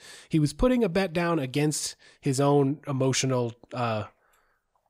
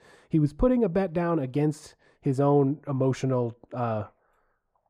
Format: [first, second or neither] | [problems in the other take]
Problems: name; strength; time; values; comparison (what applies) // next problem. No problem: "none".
first | muffled; very; fading above 2 kHz